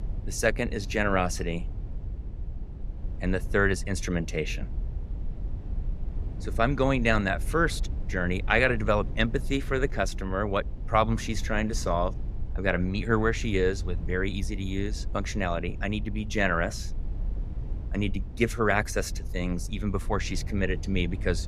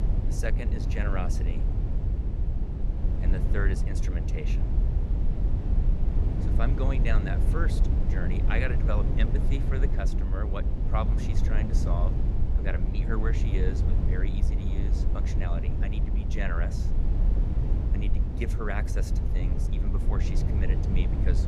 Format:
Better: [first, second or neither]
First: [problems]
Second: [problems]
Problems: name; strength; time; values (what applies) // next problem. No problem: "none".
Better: first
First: low rumble; faint; throughout; 20 dB below the speech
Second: low rumble; loud; throughout; 4 dB below the speech